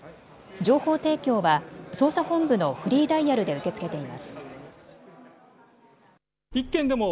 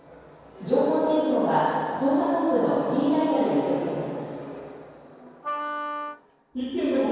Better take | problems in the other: first | background sound (Wind instrument, woodwind instrument); 9 dB below the speech // room echo; dies away in 2.2 s

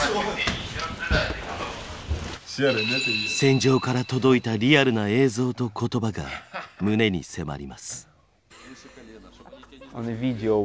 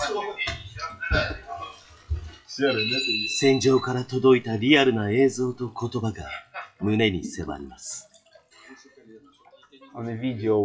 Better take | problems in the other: first | noise reduction (classical method WPE with log-MMSE)

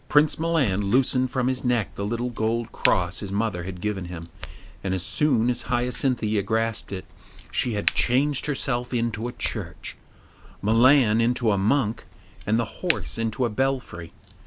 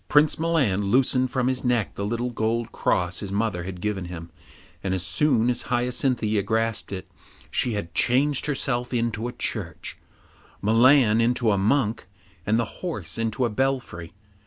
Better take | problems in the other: second | background sound (Crack); 11 dB below the speech

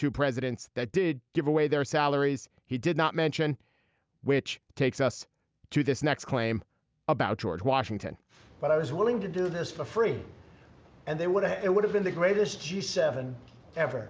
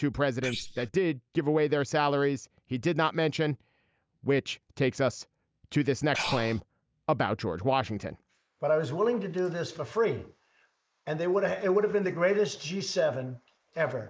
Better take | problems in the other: first | noise reduction (neural mask model Resemble Enhance denoiser)

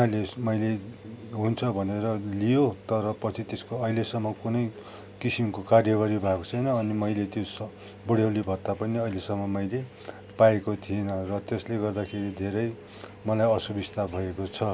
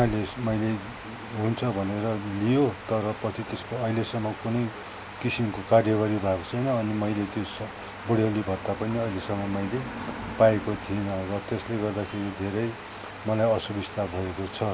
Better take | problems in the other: first | background sound (Water); 12 dB below the speech

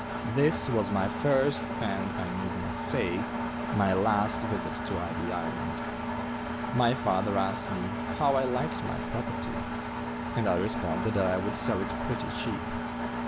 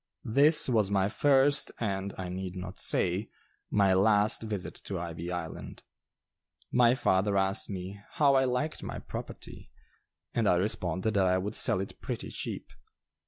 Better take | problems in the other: second | background sound (Engine); 2 dB below the speech

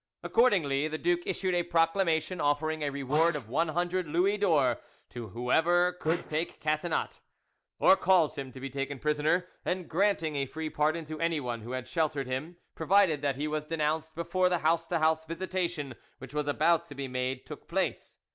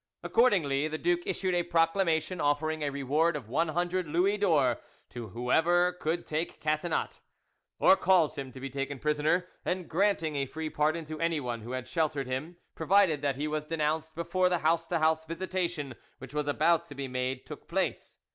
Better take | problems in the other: second | noise reduction (neural mask model Resemble Enhance denoiser)

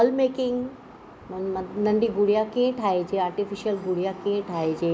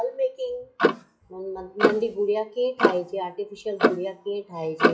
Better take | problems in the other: first | noise reduction (classical method WPE with log-MMSE)

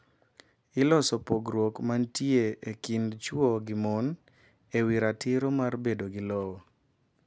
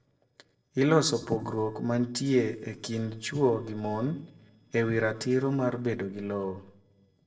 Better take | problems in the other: first | noise reduction (neural separator model SepFormer DNS4)

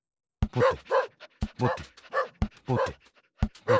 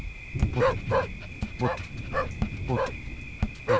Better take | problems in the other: first | background sound (Thunder); 5 dB below the speech

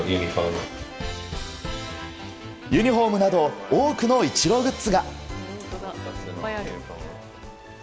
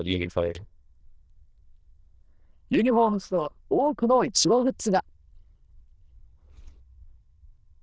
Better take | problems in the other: first | noise reduction (neural diffusion model UNIVERSE++)

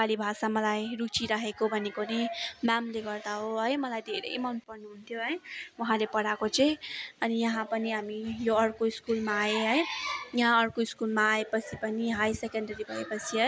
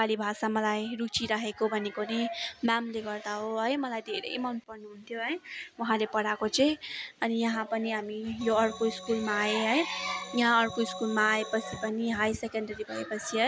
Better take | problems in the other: first | background sound (Organ); 12 dB below the speech

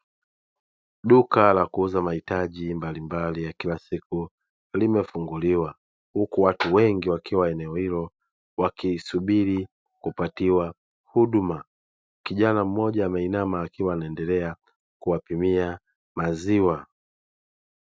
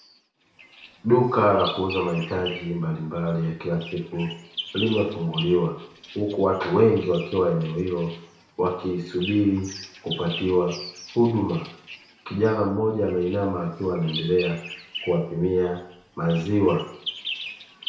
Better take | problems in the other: first | background sound (Bird vocalization, bird call, bird song); 14 dB below the speech // room echo; dies away in 0.6 s

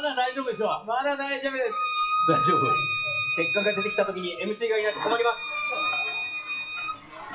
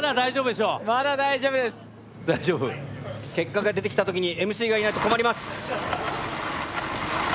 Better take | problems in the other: second | noise reduction (classical method WPE with log-MMSE)

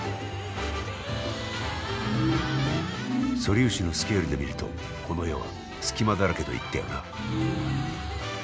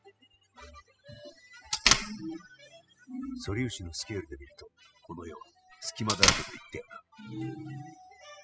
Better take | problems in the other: first | noise reduction (classical method spectral subtraction)

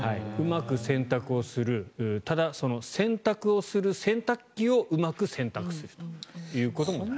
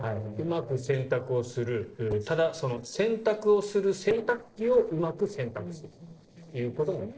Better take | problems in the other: first | noise reduction (neural separator model SepFormer DNS4)

